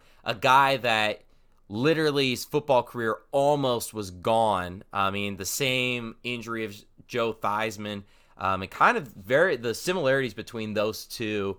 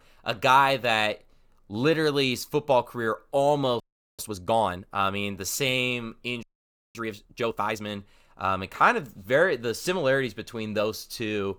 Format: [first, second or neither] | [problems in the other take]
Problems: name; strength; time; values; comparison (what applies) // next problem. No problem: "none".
first | audio freezing; at 4 s and at 6.5 s for 0.5 s